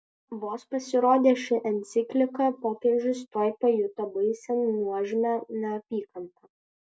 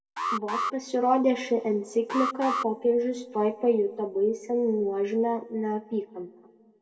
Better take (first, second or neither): first